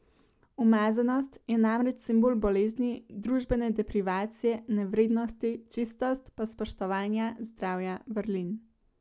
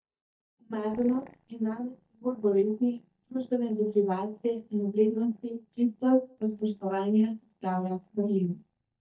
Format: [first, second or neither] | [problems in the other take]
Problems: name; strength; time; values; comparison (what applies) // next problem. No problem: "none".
first | noise reduction (neural mask model DeepFilterNet 3)